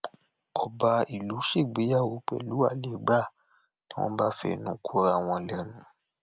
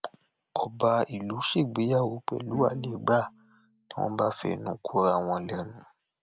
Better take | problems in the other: first | background sound (Bowed string instrument); 17 dB below the speech

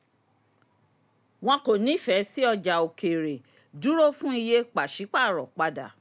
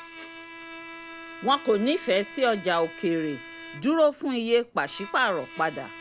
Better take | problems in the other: first | background sound (Bowed string instrument); 16 dB below the speech

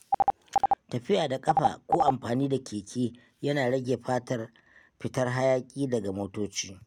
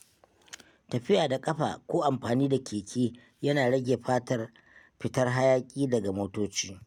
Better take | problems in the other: second | background sound (Telephone); 1 dB above the speech

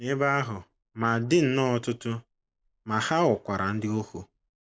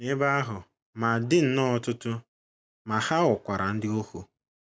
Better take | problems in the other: second | noise reduction (neural mask model Resemble Enhance denoiser)

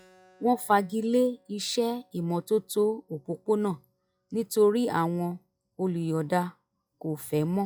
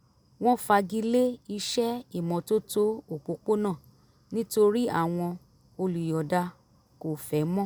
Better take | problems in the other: second | noise reduction (classical method log-MMSE)

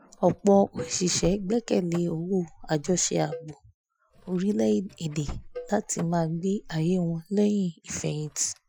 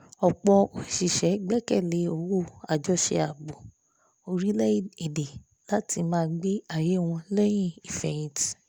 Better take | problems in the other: second | noise reduction (classical method Wiener filter)

